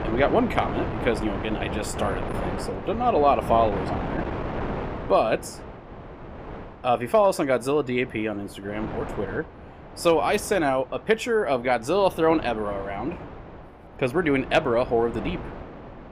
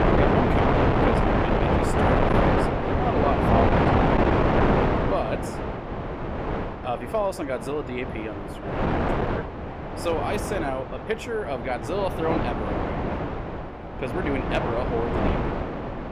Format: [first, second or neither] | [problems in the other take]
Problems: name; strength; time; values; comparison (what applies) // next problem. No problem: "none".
first | wind noise on the microphone; heavy; 4 dB above the speech; occasional gusts in the first